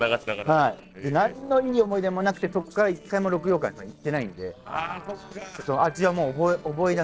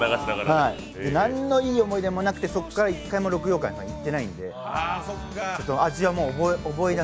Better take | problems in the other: second | noise reduction (neural separator model SepFormer DNS4)

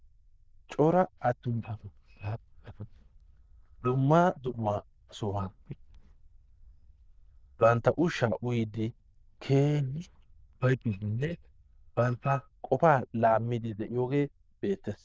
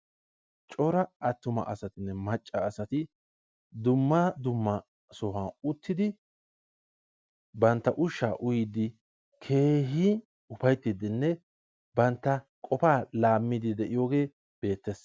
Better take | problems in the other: second | noise reduction (neural diffusion model UNIVERSE++)

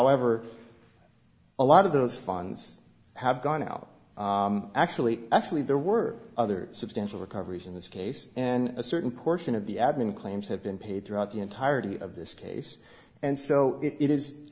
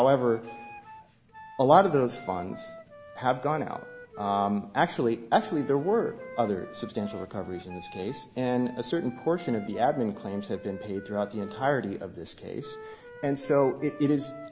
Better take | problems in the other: first | background sound (Wind instrument, woodwind instrument); 17 dB below the speech

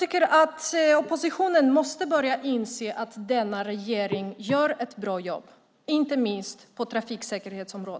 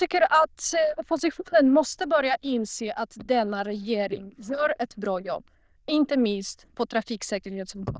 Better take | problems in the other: first | noise reduction (neural diffusion model UNIVERSE++)

